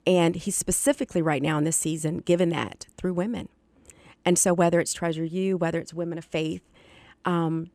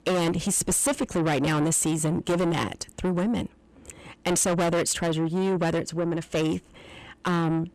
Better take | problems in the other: first | distortion; heavy; 5 dB below the speech

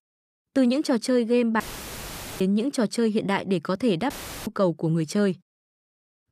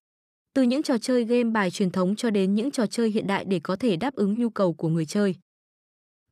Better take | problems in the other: second | audio cutting out; filled with static; at 1.5 s for 1 s and at 4 s

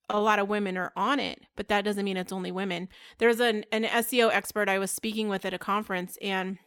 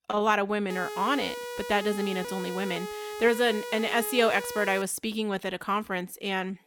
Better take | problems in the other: first | siren; noticeable; from 0.5 to 5 s; peak 9 dB below the speech

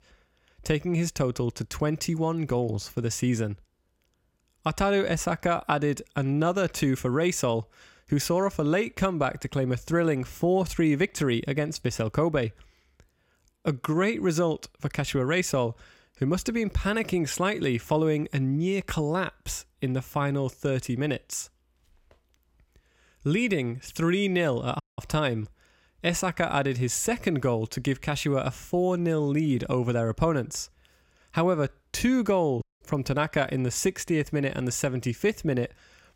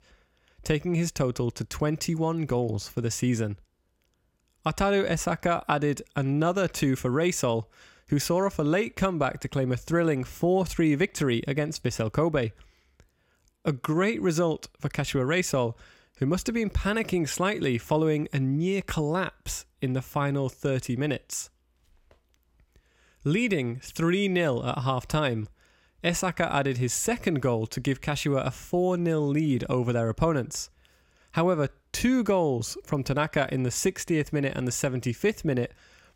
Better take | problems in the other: second | audio cutting out; at 25 s and at 33 s

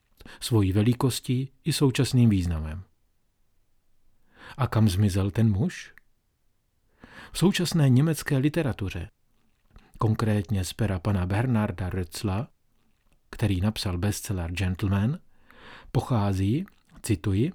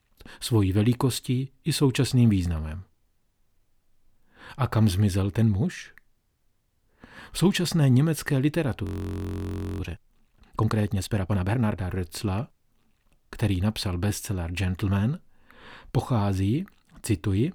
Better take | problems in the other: first | audio freezing; at 9 s for 1 s

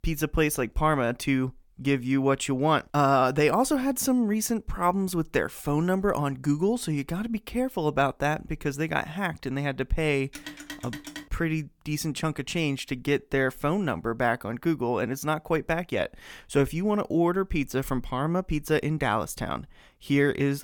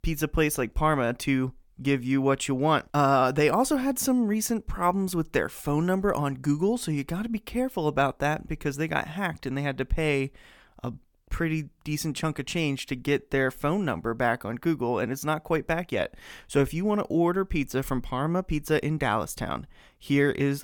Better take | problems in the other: second | phone ringing; faint; at 10 s; peak 15 dB below the speech

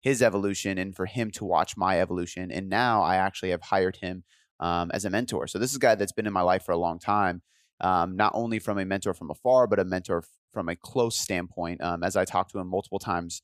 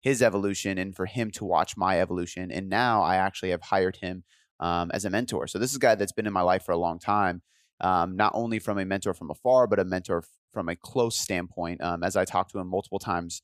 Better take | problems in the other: neither | none

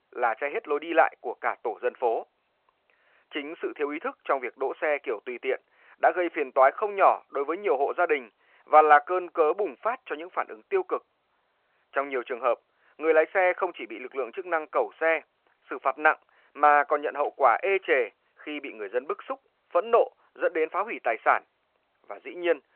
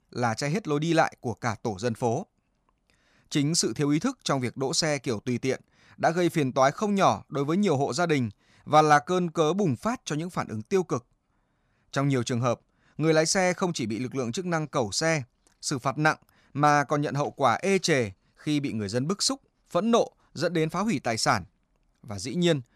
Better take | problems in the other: second | phone-call audio

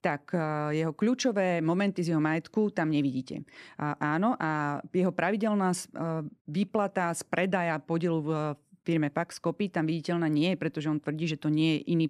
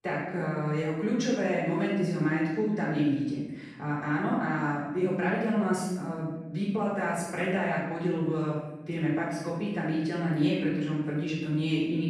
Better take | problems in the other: first | off-mic speech; far // room echo; strong; dies away in 1 s

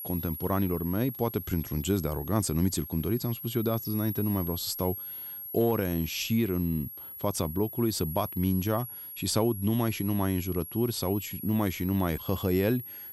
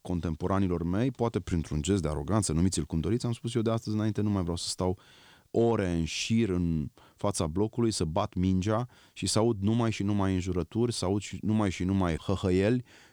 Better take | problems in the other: second | high-pitched whine; loud; throughout; 11.5 kHz, 9 dB below the speech

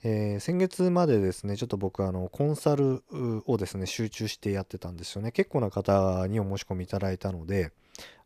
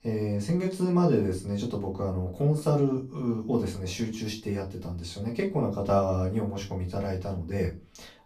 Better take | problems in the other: first | off-mic speech; far // room echo; slight; dies away in 0.3 s

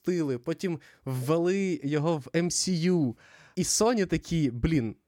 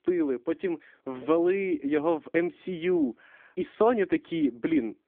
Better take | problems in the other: first | phone-call audio; nothing above 3.5 kHz

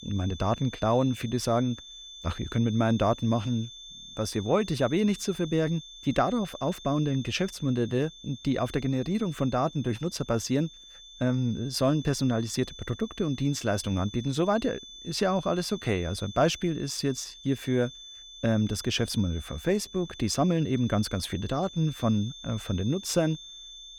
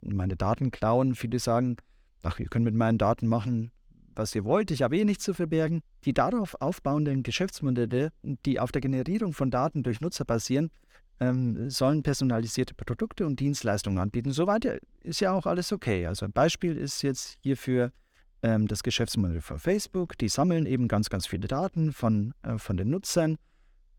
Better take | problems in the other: second | high-pitched whine; noticeable; throughout; 3.5 kHz, 15 dB below the speech

